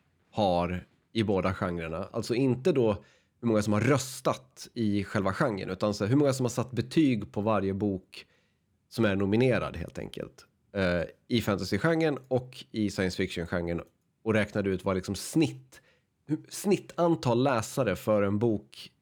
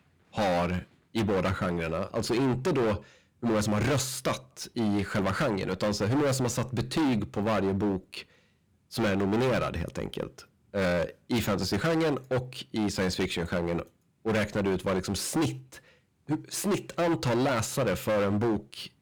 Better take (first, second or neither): first